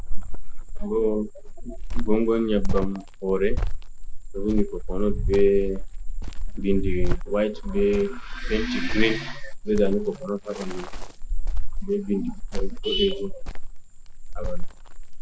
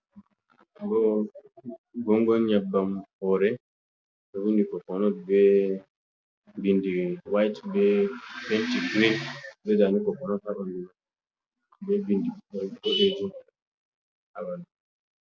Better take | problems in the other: second | background sound (Cricket); 4 dB above the speech

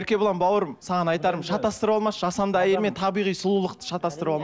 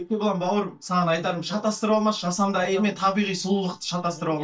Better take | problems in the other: first | noise reduction (neural mask model DeepFilterNet 3)

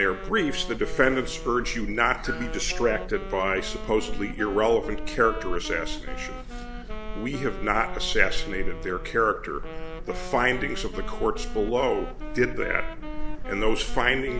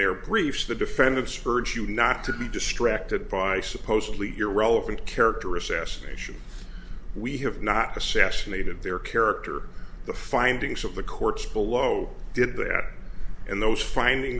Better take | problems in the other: second | background sound (Wind instrument, woodwind instrument); 14 dB below the speech

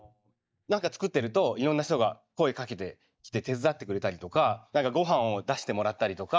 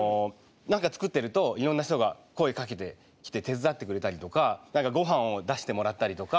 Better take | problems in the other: second | noise reduction (neural mask model DeepFilterNet 3)

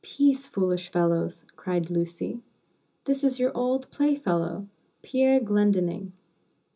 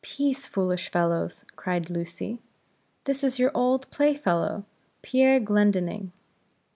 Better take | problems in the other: second | room echo; dies away in 0.2 s

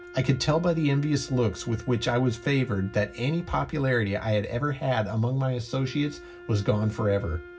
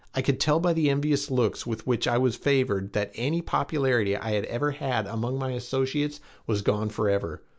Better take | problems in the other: second | background sound (Wind instrument, woodwind instrument); 20 dB below the speech // room echo; dies away in 0.4 s

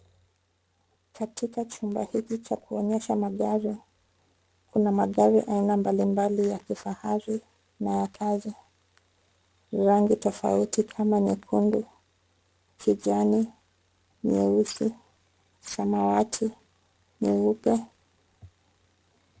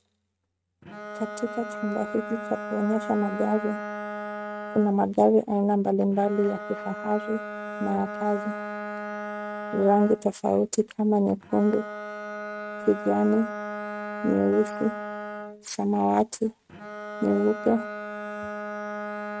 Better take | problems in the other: first | noise reduction (neural mask model RNNoise)

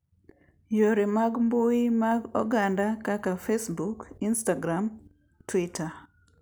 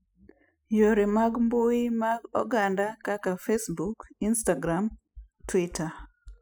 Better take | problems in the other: first | noise reduction (classical method spectral subtraction)

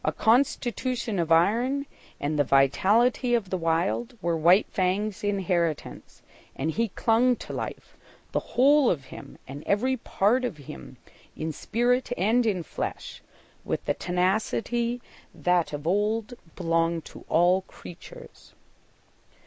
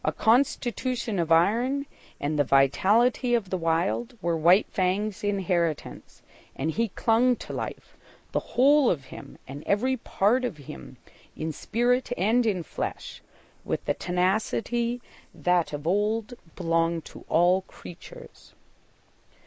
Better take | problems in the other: first | noise reduction (neural mask model Resemble Enhance denoiser)

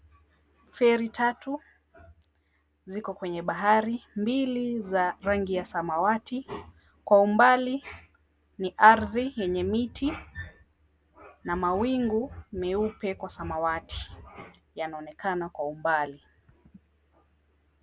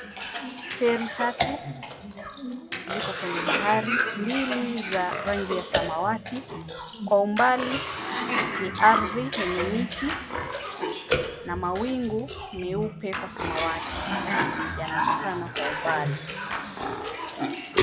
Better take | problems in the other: first | background sound (Cough); 1 dB below the speech

